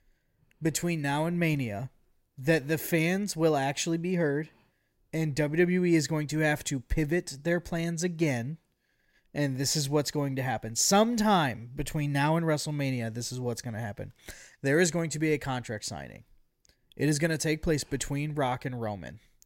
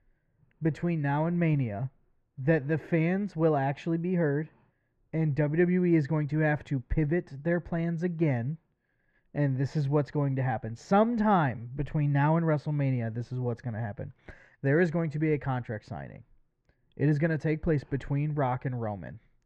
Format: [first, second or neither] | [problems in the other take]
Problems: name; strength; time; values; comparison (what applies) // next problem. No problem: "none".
first | muffled; very; fading above 1.5 kHz